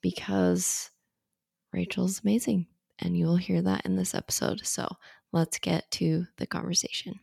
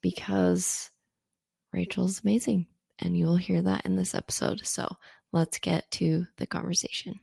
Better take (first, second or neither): first